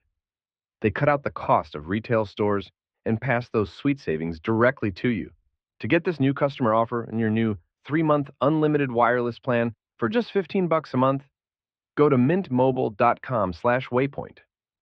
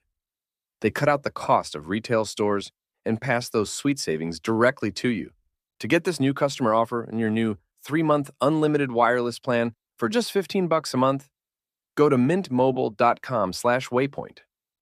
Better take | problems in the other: second | muffled; slightly; fading above 3.5 kHz

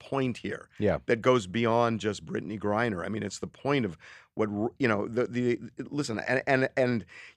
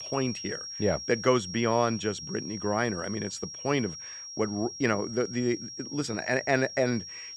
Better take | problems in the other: first | high-pitched whine; loud; throughout; 5.5 kHz, 9 dB below the speech

